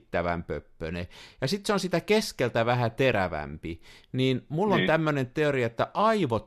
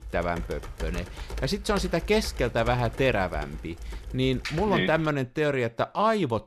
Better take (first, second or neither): first